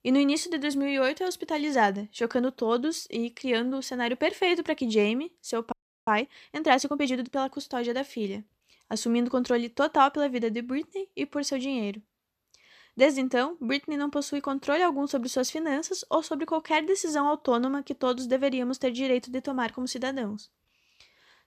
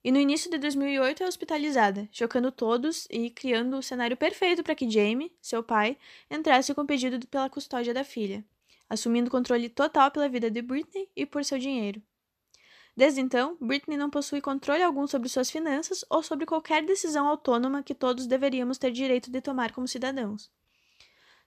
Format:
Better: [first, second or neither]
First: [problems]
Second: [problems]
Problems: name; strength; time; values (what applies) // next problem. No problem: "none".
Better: second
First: audio freezing; at 5.5 s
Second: none